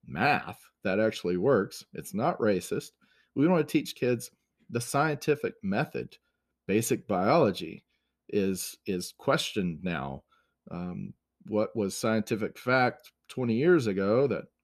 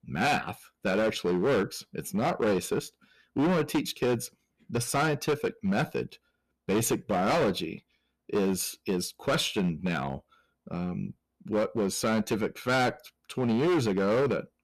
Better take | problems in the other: first | distortion; heavy; 12% of the sound clipped

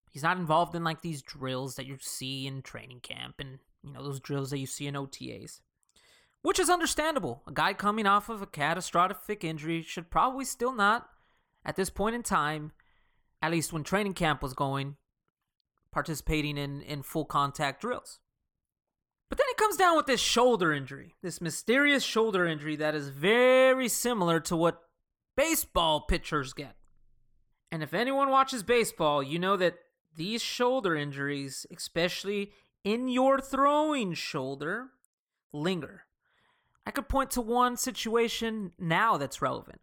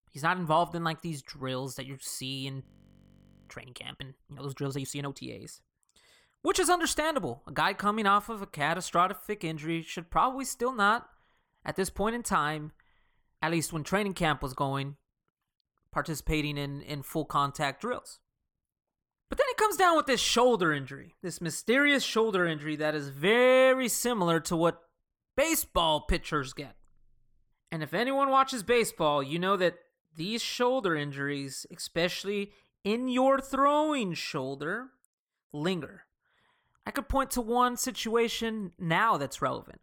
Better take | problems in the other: first | audio freezing; at 2.5 s for 1 s

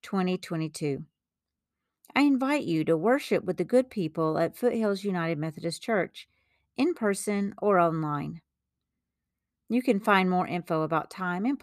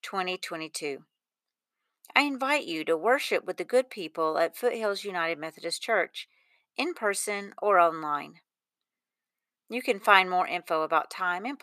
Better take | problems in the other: first | thin; somewhat; fading below 600 Hz

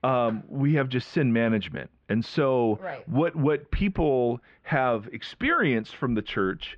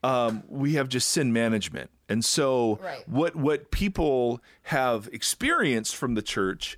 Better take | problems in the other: second | muffled; very; fading above 3 kHz

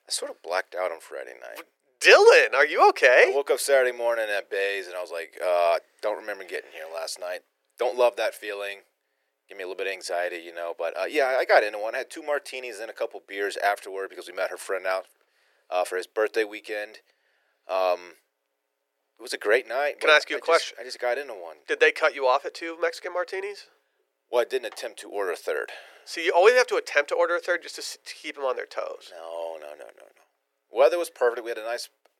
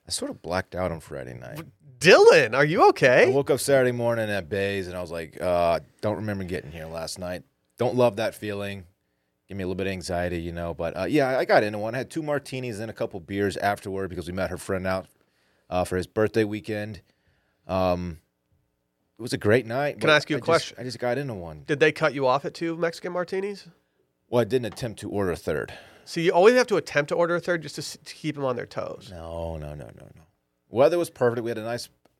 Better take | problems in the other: second | thin; very; fading below 400 Hz

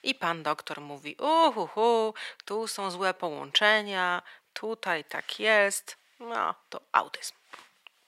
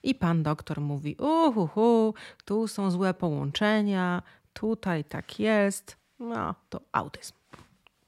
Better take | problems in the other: second | thin; very; fading below 600 Hz

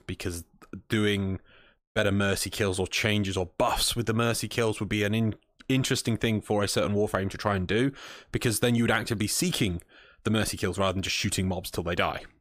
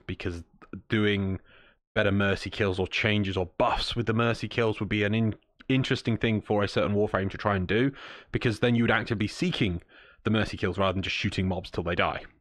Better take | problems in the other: first | muffled; slightly; fading above 3 kHz

